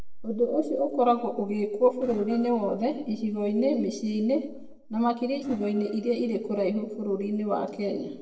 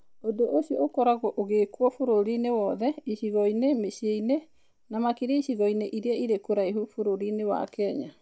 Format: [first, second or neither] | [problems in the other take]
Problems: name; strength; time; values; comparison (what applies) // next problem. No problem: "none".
second | noise reduction (neural separator model SepFormer DNS4)